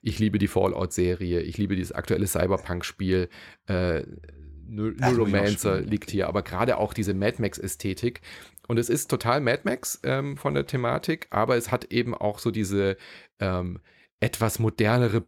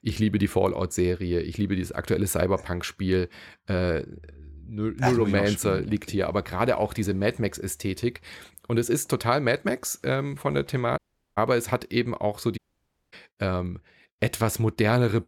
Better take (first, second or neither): first